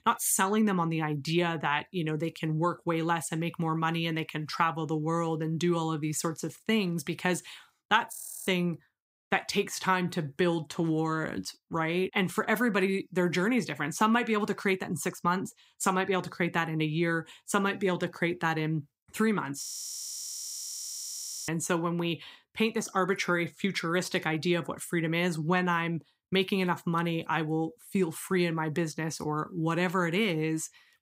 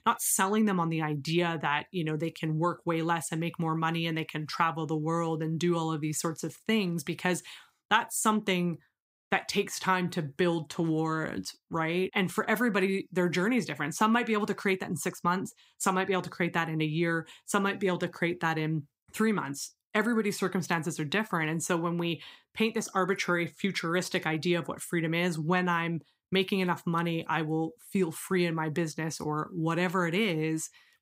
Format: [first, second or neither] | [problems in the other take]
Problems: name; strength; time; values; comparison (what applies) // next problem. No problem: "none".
second | audio freezing; at 8 s and at 20 s for 2 s